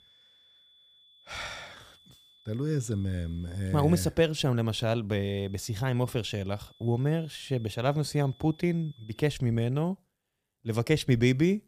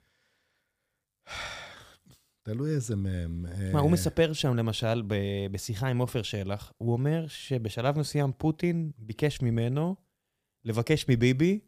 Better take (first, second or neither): second